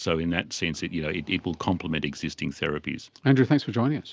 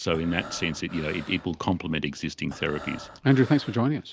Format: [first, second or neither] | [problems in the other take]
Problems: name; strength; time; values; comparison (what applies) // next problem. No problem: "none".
first | background sound (Breathing); 17 dB below the speech